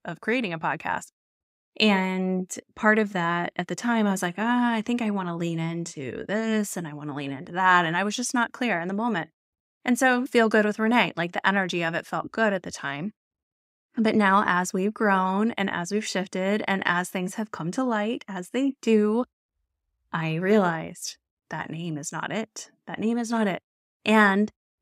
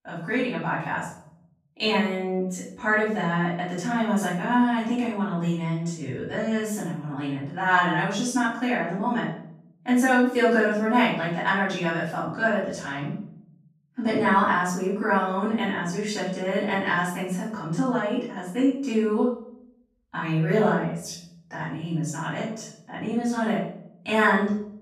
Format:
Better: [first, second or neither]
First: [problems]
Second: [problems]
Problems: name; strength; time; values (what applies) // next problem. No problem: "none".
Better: first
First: none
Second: off-mic speech; far // room echo; noticeable; dies away in 0.6 s